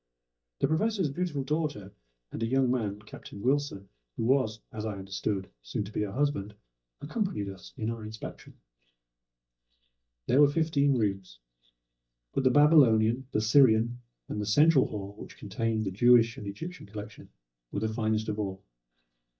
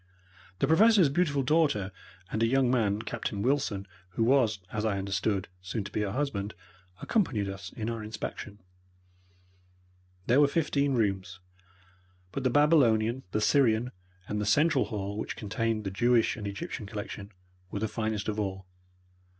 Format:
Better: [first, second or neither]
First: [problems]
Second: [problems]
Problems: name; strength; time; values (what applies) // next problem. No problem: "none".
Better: second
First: noise reduction (neural mask model DeepFilterNet 3)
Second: none